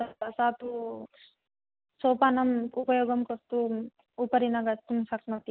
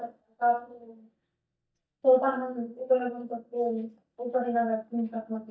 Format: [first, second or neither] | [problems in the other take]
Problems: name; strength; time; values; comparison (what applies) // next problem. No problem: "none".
first | noise reduction (neural mask model DeepFilterNet 3)